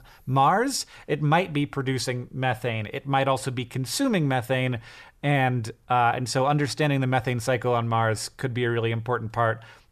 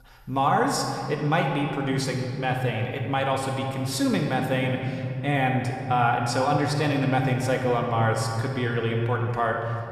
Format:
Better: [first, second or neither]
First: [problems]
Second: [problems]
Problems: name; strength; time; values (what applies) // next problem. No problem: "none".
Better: first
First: none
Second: room echo; noticeable; dies away in 2.4 s